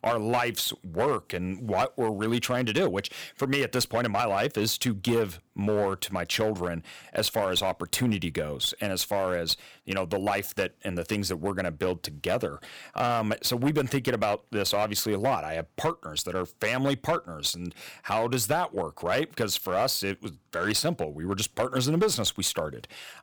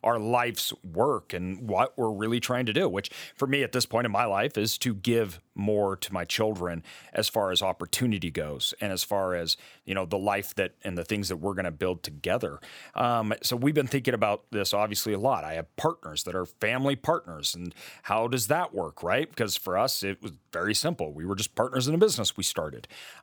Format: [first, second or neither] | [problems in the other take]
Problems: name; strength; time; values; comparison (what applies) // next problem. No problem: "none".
second | distortion; slight; 5% of the sound clipped